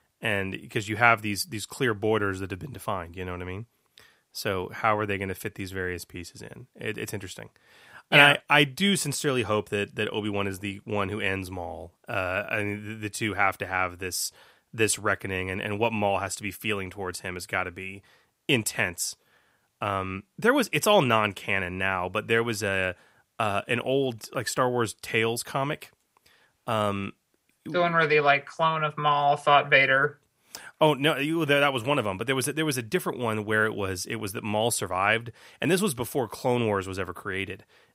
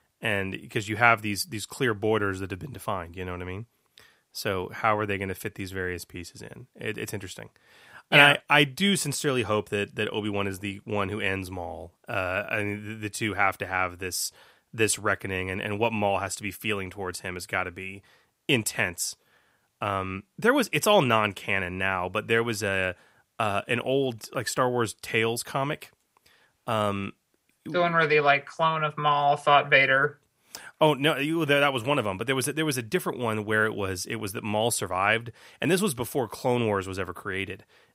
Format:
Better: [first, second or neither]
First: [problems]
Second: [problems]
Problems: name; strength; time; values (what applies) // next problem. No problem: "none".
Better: neither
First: none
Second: none